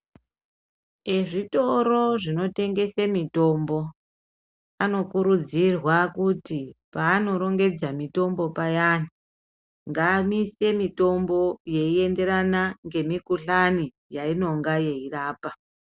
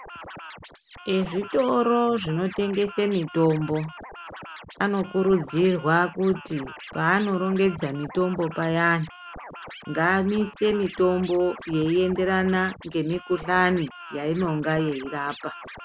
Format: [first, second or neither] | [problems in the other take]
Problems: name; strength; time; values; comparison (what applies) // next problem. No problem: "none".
first | background sound (Scratching (performance technique)); 17 dB below the speech